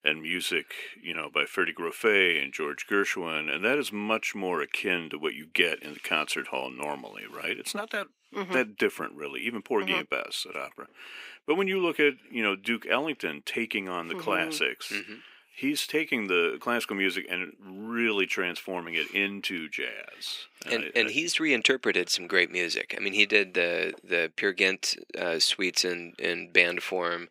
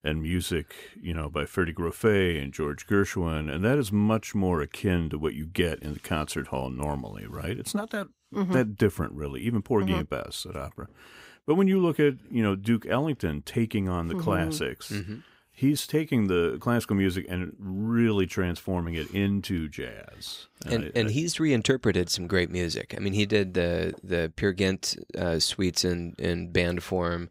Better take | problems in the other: second | thin; somewhat; fading below 300 Hz

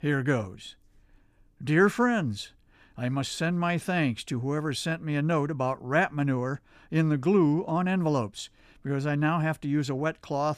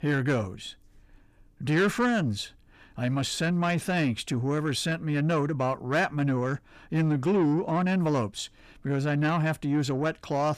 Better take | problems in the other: first | distortion; slight; 10 dB below the speech

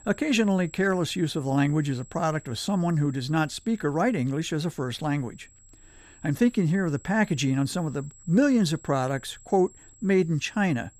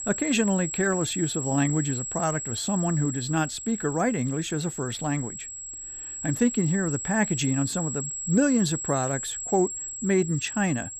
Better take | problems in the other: first | high-pitched whine; loud; throughout; 7.5 kHz, 5 dB below the speech; faint in the first

